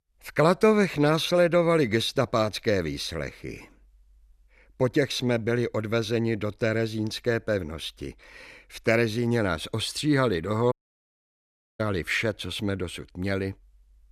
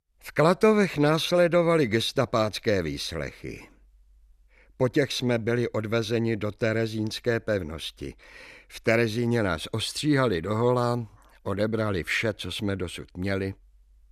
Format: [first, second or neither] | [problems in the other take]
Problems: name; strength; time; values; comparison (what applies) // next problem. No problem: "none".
second | audio cutting out; at 11 s for 1 s